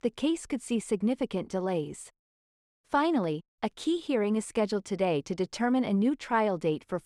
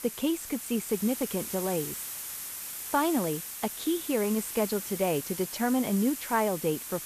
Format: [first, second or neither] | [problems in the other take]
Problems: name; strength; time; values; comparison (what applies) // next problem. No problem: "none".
first | hiss; loud; throughout; 6 dB below the speech